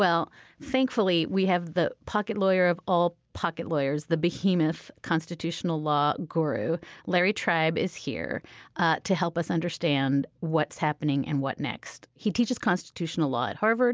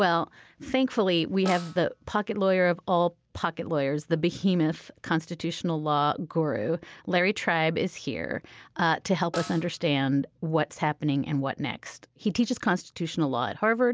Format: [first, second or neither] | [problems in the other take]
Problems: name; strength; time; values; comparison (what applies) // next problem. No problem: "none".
first | background sound (Snare drum); 17 dB below the speech